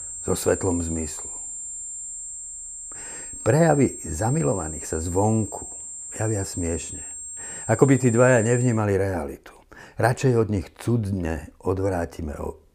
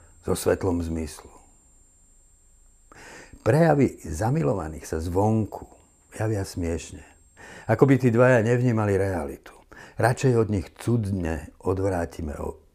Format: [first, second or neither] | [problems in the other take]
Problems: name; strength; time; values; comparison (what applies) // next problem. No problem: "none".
second | high-pitched whine; loud; until 8.5 s; 7.5 kHz, 9 dB below the speech; faint in the second